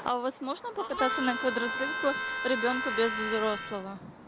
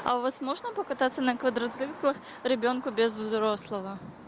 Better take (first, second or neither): second